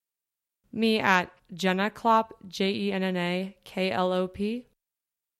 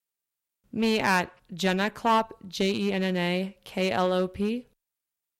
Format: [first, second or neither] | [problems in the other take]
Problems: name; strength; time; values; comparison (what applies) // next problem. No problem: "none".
first | distortion; slight; 5% of the sound clipped